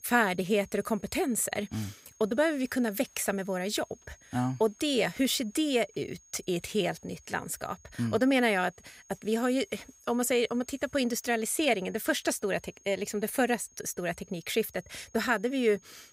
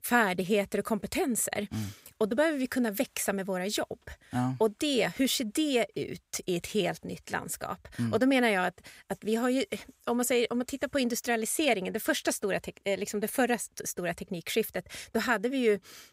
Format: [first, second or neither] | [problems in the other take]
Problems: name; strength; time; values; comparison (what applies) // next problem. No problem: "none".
second | high-pitched whine; faint; throughout; 6.5 kHz, 25 dB below the speech